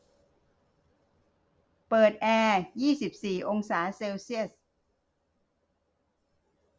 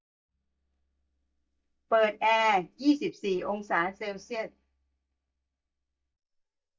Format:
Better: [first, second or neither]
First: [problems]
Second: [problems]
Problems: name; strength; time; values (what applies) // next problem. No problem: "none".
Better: first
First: none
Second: noise reduction (neural mask model DeepFilterNet 3)